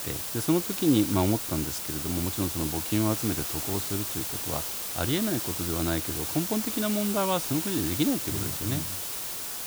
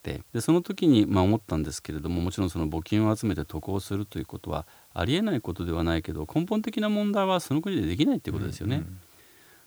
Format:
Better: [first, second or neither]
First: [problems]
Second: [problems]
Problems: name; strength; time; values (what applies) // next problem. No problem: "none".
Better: second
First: hiss; loud; throughout; 1 dB below the speech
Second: hiss; faint; throughout; 25 dB below the speech